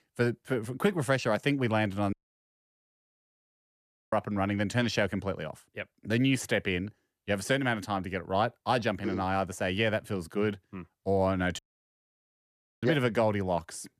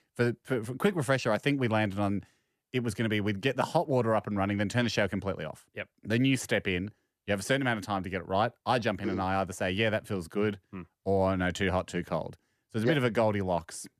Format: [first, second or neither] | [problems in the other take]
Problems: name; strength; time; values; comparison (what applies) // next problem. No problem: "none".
second | audio cutting out; at 2 s for 2 s and at 12 s for 1 s